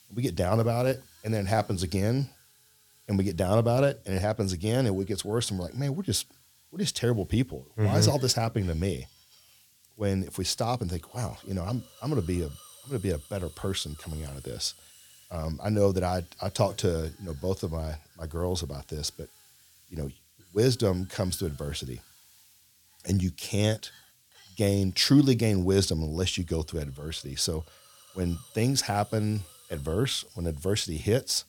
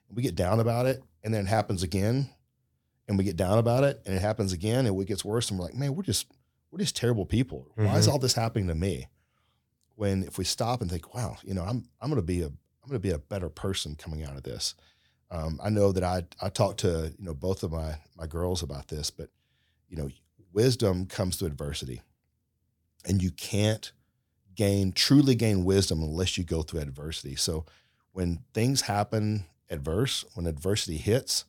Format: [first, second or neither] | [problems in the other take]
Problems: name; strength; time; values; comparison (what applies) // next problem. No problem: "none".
second | hiss; faint; throughout; 25 dB below the speech